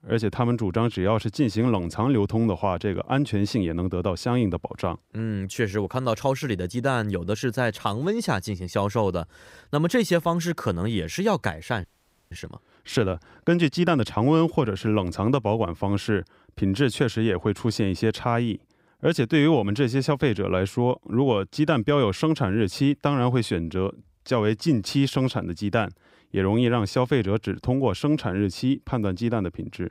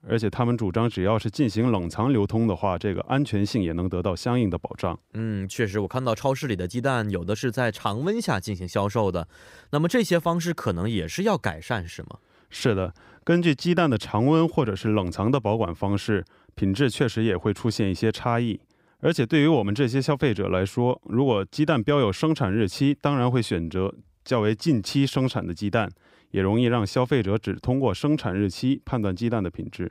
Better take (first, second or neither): second